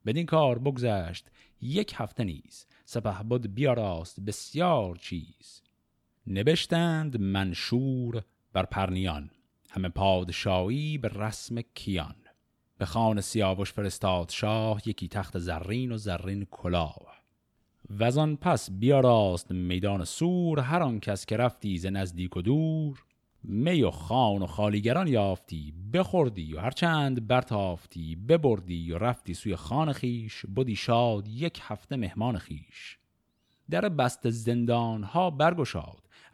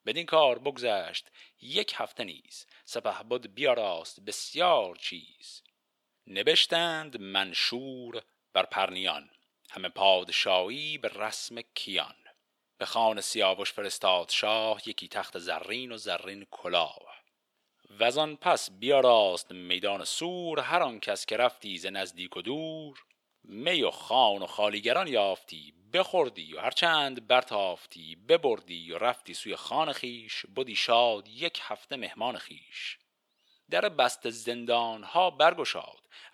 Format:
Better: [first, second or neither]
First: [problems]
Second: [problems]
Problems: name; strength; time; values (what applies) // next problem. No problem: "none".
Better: first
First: none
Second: thin; very; fading below 550 Hz